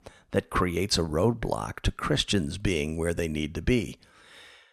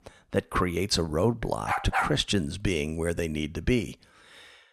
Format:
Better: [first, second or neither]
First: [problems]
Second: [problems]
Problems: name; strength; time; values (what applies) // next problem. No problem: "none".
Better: first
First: none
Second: dog barking; loud; at 1.5 s; peak 1 dB above the speech